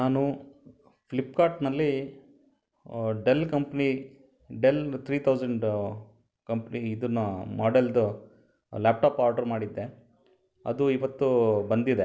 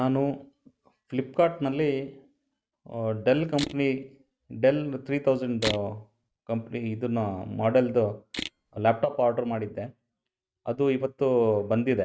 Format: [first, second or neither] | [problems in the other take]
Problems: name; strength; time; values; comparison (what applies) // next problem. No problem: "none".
first | noise reduction (neural mask model RNNoise)